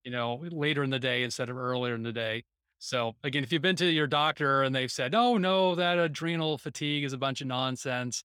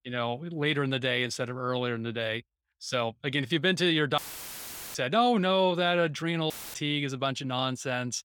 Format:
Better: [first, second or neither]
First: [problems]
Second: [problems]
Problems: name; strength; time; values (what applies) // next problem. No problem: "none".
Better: first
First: none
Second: audio cutting out; filled with static; at 4 s for 1 s and at 6.5 s